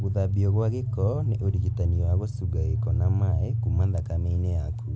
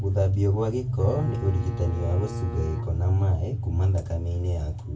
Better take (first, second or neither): first